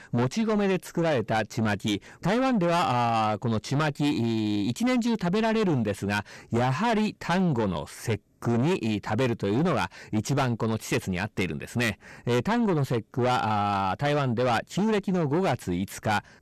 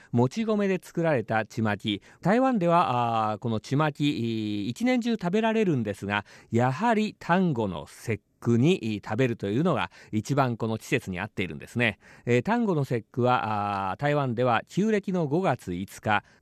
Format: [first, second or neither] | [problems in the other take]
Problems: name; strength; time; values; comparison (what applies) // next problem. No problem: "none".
second | distortion; heavy; 7 dB below the speech